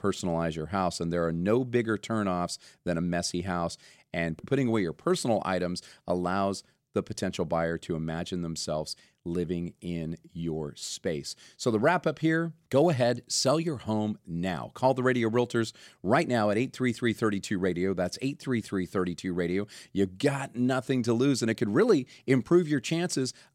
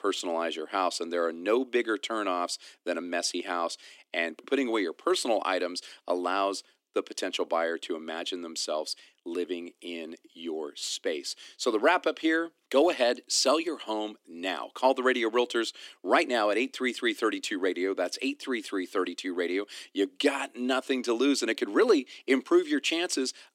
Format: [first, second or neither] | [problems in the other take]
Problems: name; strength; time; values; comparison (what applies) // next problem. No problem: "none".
first | thin; very slightly; fading below 250 Hz